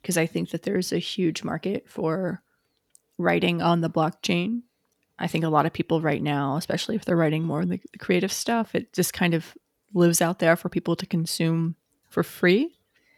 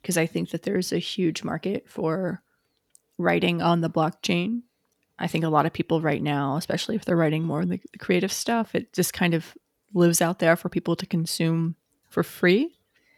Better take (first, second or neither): neither